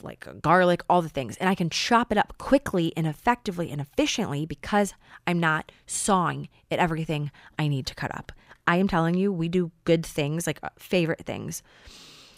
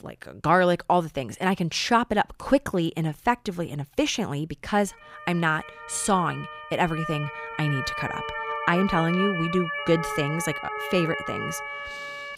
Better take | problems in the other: first | siren; noticeable; from 5 s on; peak 2 dB below the speech

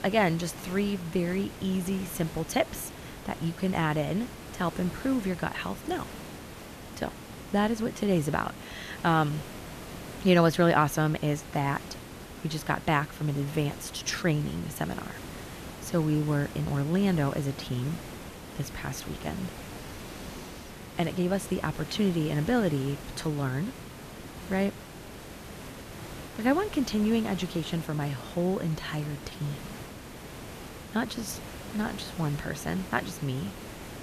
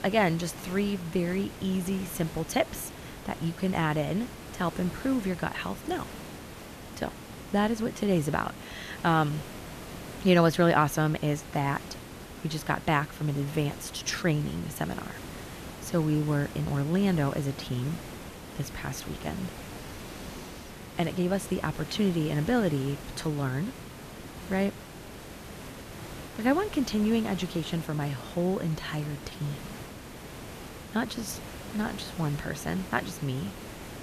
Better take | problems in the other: neither | hiss; noticeable; throughout; 10 dB below the speech; the same in both

